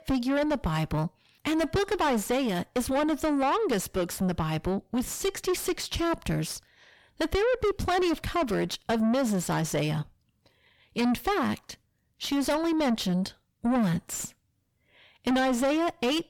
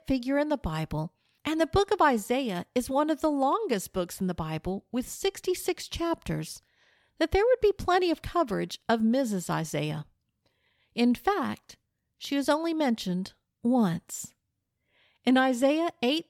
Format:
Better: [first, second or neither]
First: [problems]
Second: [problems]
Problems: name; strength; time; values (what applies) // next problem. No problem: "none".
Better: second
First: distortion; heavy; 5 dB below the speech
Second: none